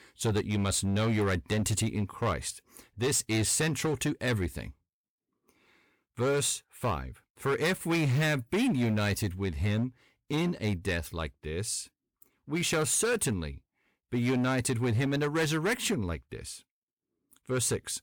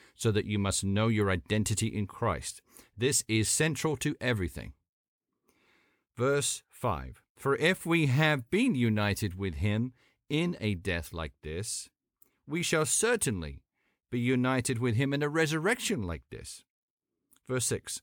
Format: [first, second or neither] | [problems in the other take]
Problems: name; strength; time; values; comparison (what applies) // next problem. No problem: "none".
second | distortion; slight; 10% of the sound clipped